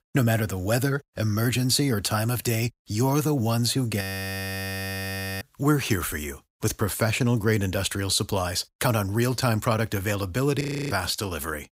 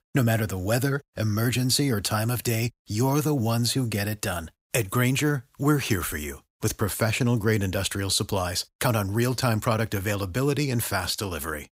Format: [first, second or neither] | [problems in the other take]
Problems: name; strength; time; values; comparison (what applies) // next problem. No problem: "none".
second | audio freezing; at 4 s for 1.5 s and at 11 s